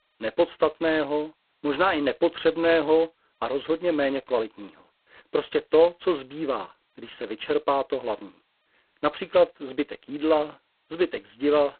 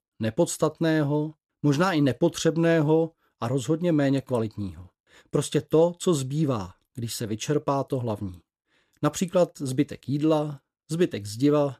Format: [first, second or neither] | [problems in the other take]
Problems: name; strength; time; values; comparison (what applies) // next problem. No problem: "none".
second | phone-call audio; poor line; nothing above 4 kHz